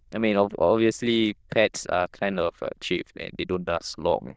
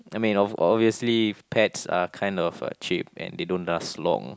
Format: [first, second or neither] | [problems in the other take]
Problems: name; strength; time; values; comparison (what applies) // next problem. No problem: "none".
second | noise reduction (neural diffusion model UNIVERSE++)